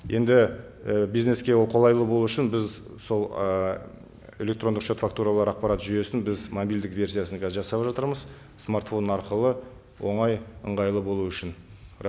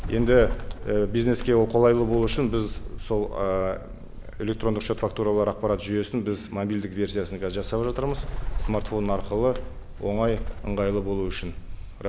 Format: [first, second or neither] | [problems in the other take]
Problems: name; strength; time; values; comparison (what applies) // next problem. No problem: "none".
first | background sound (Bird); 7 dB below the speech